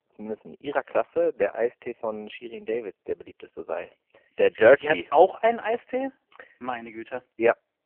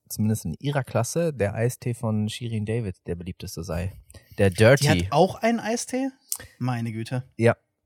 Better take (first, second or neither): second